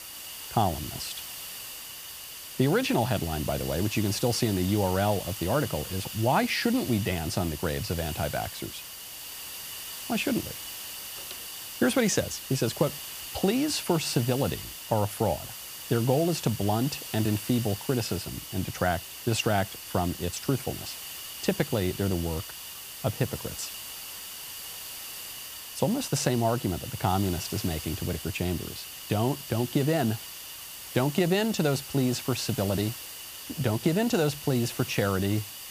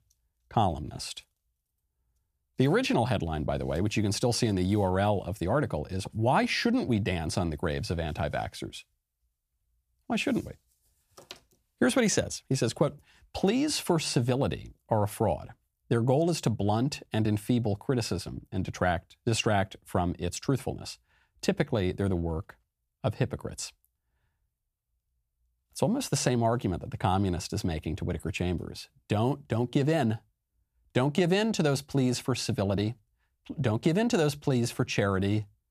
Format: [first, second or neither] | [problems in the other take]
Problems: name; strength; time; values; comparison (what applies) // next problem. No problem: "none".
second | hiss; loud; throughout; 9 dB below the speech